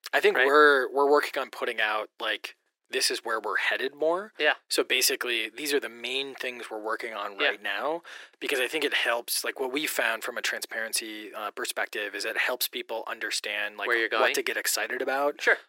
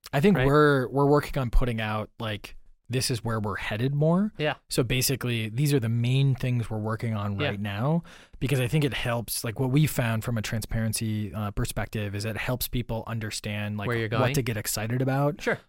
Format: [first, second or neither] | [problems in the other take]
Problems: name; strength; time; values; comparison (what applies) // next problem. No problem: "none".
second | thin; very; fading below 350 Hz